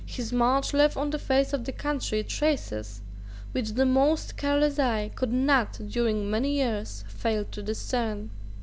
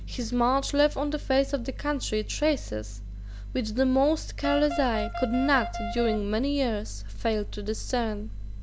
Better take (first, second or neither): first